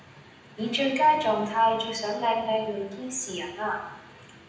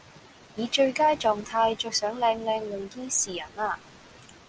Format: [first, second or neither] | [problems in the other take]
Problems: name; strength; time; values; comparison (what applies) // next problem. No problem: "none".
second | room echo; dies away in 0.9 s